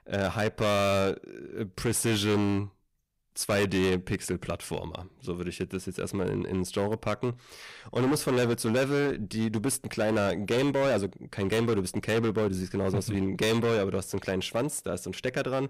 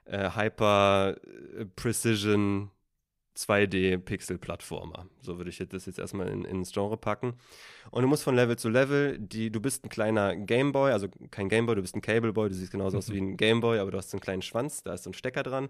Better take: second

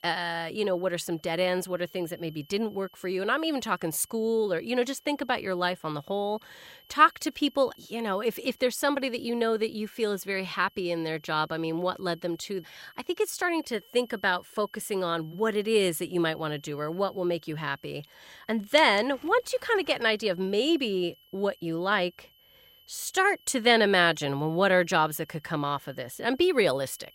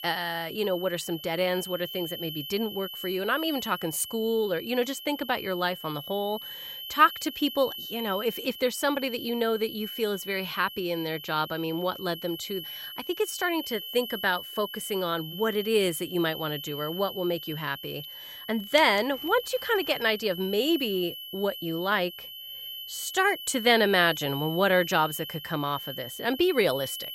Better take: first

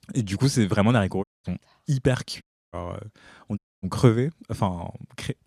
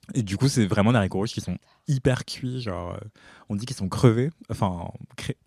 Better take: second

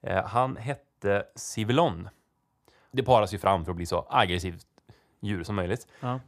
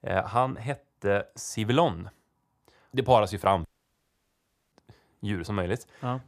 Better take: first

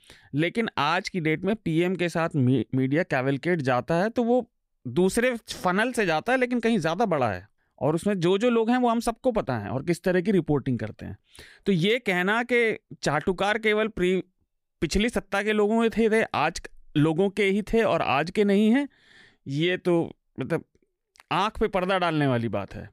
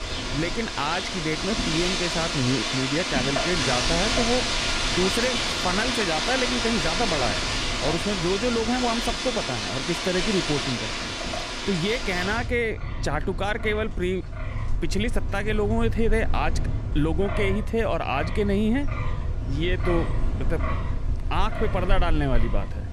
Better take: first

